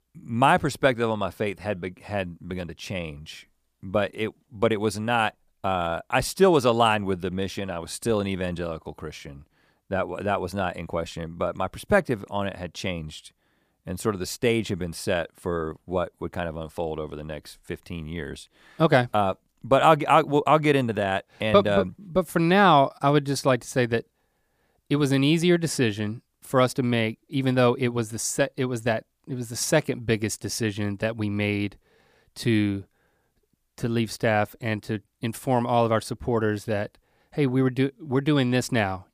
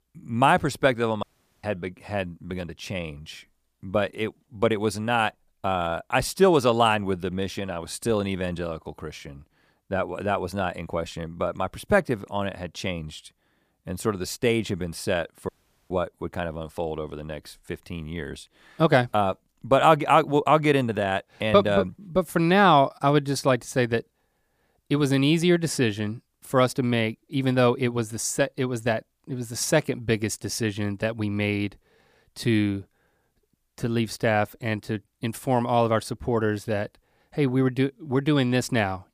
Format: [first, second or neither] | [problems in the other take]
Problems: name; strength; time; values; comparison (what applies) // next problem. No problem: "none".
first | audio cutting out; at 1 s and at 15 s